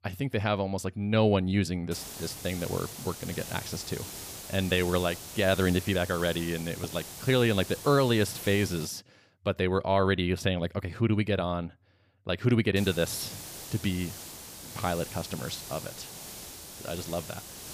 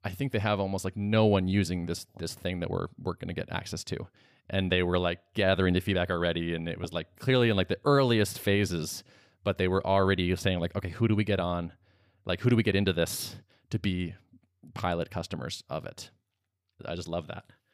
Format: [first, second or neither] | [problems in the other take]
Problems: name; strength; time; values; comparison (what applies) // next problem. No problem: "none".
second | hiss; noticeable; from 2 to 9 s and from 13 s on; 10 dB below the speech